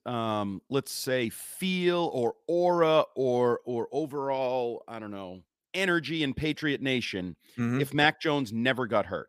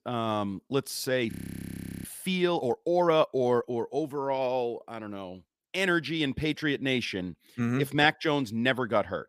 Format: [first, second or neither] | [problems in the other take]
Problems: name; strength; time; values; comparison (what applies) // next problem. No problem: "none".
first | audio freezing; at 1.5 s for 0.5 s